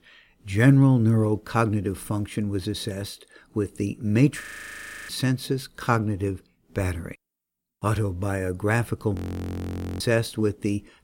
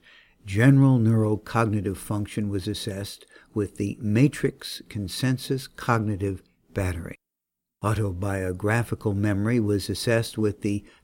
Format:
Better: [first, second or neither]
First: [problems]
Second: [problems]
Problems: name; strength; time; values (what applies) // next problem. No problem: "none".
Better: second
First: audio freezing; at 4.5 s for 0.5 s and at 9 s for 1 s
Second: none